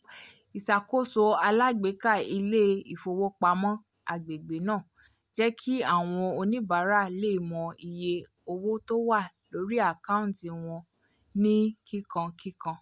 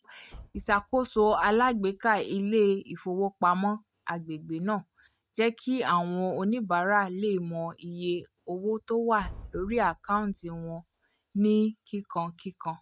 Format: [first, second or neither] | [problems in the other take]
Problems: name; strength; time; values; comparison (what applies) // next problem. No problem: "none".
first | noise reduction (neural mask model RNNoise)